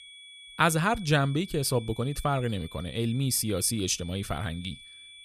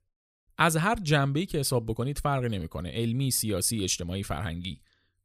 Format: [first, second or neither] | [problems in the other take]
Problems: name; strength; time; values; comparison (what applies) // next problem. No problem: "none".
second | high-pitched whine; noticeable; throughout; 3.5 kHz, 20 dB below the speech